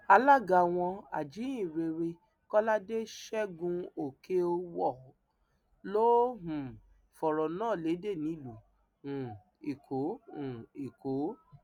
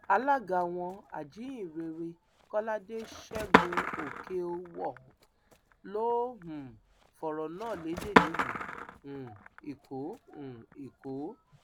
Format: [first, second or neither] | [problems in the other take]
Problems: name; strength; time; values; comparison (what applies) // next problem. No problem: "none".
first | background sound (Skateboard); 1 dB above the speech